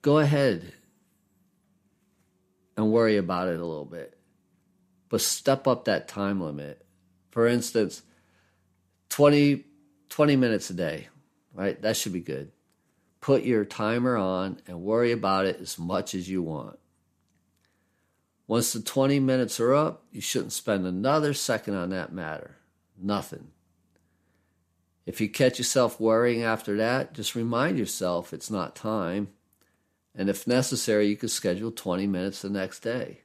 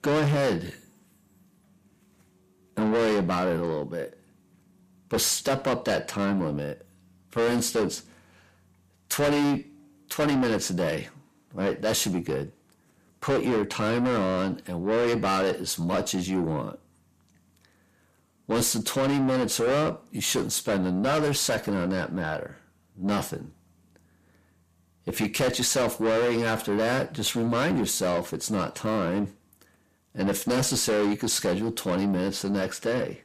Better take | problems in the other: first | distortion; heavy; 6 dB below the speech

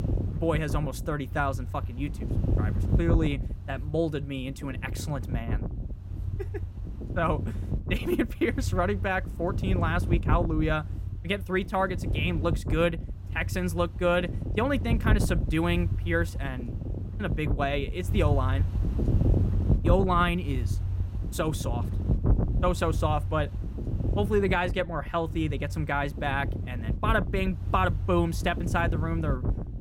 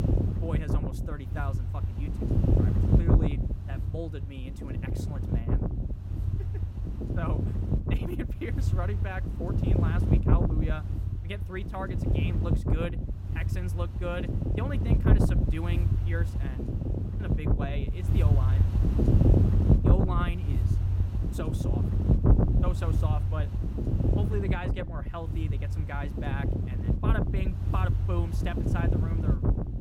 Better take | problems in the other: first | wind noise on the microphone; heavy; 1 dB above the speech; occasional gusts in the first

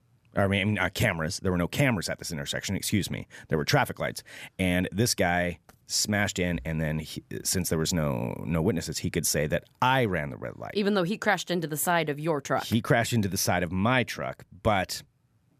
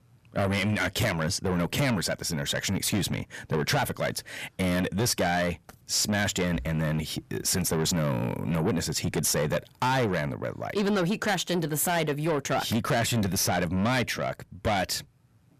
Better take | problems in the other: first | distortion; heavy; 6 dB below the speech

